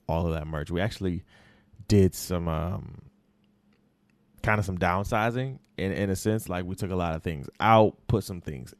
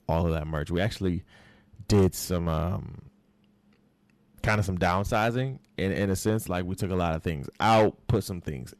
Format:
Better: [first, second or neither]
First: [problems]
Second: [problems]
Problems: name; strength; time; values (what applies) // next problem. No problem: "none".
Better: first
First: none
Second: distortion; slight; 3% of the sound clipped